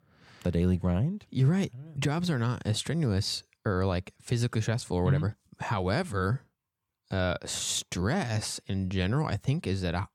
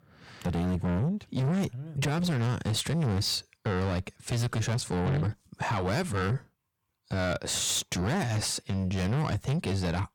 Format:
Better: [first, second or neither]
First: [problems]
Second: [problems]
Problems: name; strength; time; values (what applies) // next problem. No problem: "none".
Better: first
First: none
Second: distortion; heavy; 7 dB below the speech